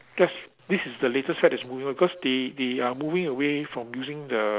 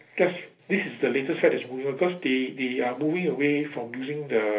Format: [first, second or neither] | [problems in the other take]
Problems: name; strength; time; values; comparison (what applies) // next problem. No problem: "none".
first | room echo; dies away in 0.3 s